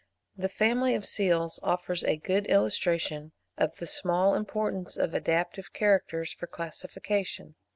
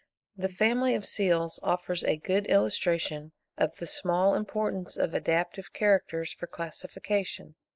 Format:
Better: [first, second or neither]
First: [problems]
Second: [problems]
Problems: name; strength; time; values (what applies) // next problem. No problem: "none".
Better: first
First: none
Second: noise reduction (neural mask model Resemble Enhance denoiser)